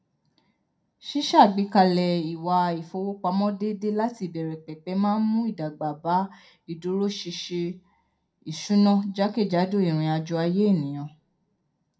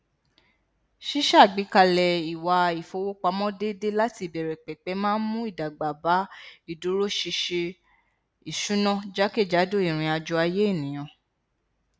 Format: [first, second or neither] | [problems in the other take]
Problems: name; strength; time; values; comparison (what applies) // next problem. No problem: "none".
second | room echo; dies away in 0.2 s